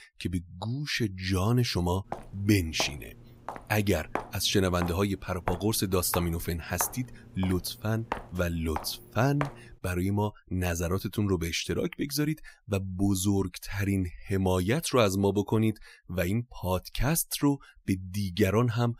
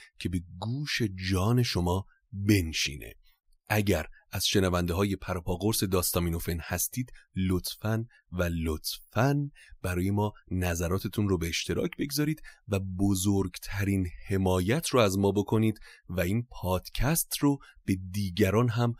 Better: second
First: footsteps; noticeable; from 2 to 9.5 s; peak 8 dB below the speech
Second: none

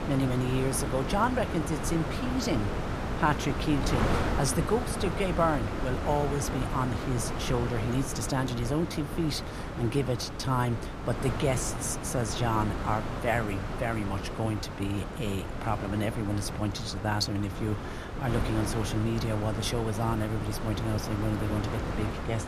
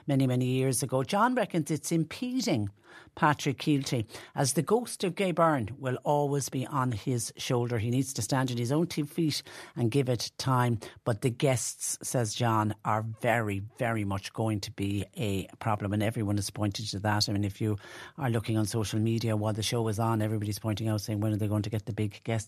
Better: second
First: wind noise on the microphone; heavy; 4 dB below the speech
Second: none

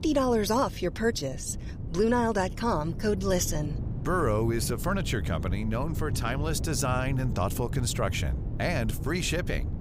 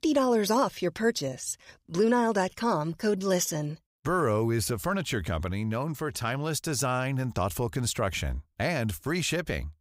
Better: second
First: low rumble; noticeable; throughout; 15 dB below the speech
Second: none

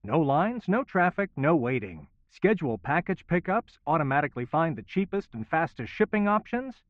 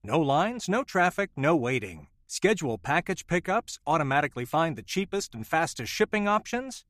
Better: second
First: muffled; very; fading above 2.5 kHz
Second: none

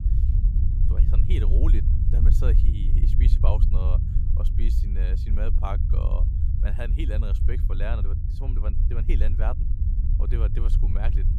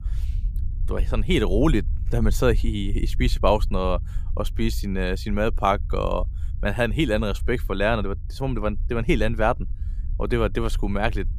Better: second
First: low rumble; loud; throughout; 4 dB below the speech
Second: low rumble; faint; throughout; 25 dB below the speech

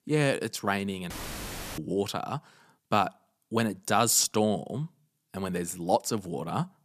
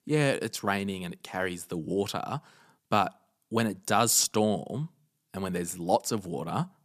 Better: second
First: audio cutting out; filled with static; at 1 s for 0.5 s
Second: none

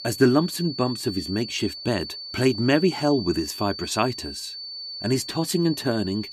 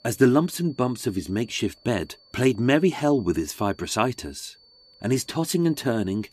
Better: second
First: high-pitched whine; loud; throughout; 4.5 kHz, 9 dB below the speech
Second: high-pitched whine; faint; throughout; 4.5 kHz, 30 dB below the speech

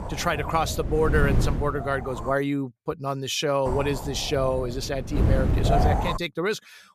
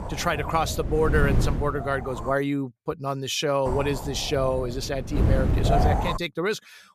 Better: neither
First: wind noise on the microphone; heavy; until 2.5 s and from 3.5 to 6 s; 5 dB below the speech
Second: wind noise on the microphone; heavy; until 2.5 s and from 3.5 to 6 s; 5 dB below the speech

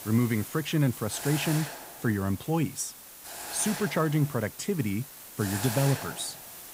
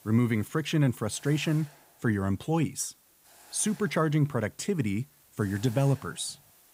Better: second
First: hiss; loud; throughout; 9 dB below the speech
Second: hiss; faint; throughout; 25 dB below the speech

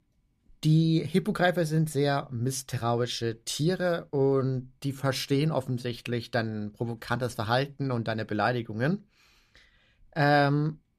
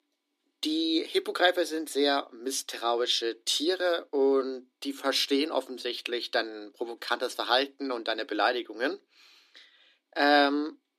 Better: first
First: none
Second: thin; somewhat; fading below 300 Hz

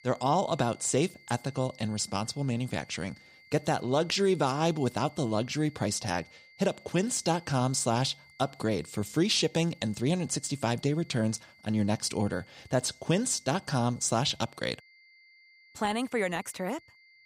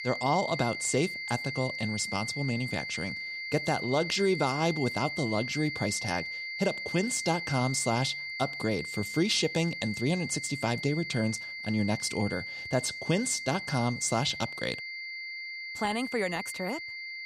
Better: first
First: high-pitched whine; faint; throughout; 2 kHz, 25 dB below the speech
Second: high-pitched whine; loud; throughout; 2 kHz, 5 dB below the speech

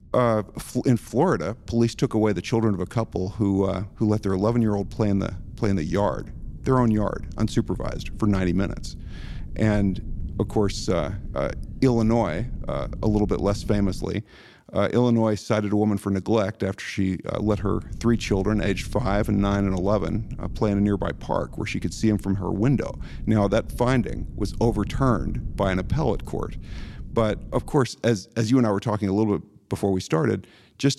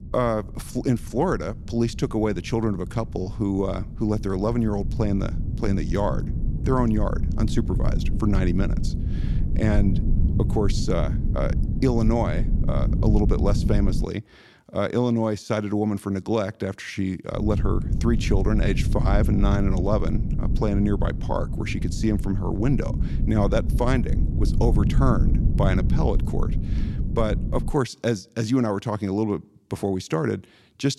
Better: first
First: low rumble; faint; until 14 s and from 17 to 28 s; 25 dB below the speech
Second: low rumble; loud; until 14 s and from 17 to 28 s; 10 dB below the speech

